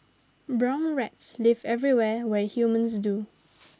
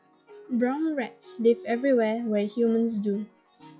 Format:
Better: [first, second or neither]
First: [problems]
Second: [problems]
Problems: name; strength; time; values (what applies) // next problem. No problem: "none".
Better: first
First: none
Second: noise reduction (classical method log-MMSE)